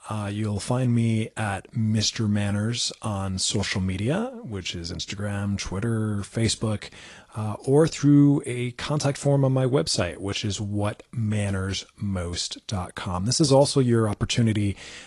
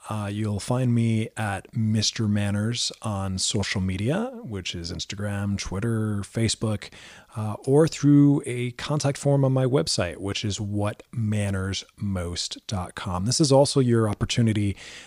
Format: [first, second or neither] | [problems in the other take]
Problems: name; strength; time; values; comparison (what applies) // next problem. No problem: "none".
second | garbled, watery; slightly; nothing above 9.5 kHz